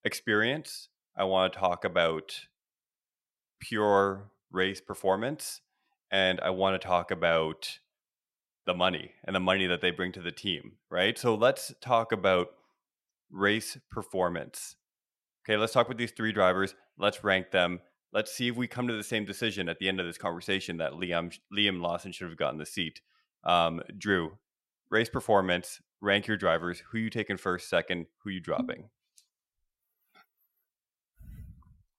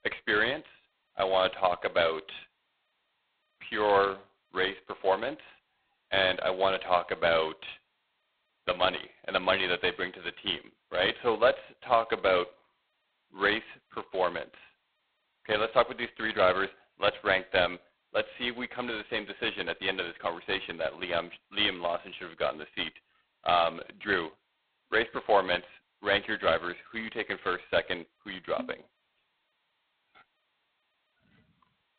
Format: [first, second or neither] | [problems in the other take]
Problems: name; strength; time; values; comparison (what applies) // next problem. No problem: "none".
first | phone-call audio; poor line